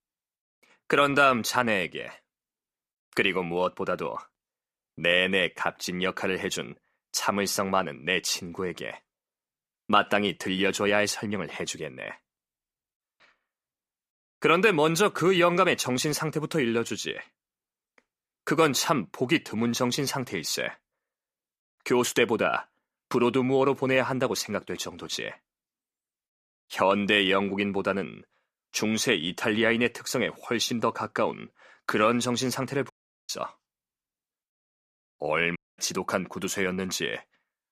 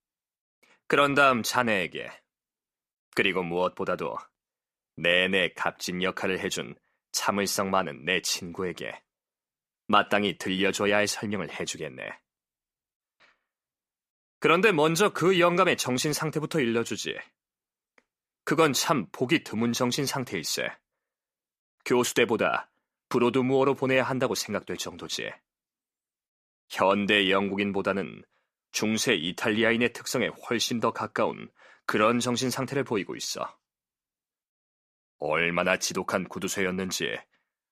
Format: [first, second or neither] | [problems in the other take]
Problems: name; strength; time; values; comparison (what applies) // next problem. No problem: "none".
second | audio cutting out; at 33 s and at 36 s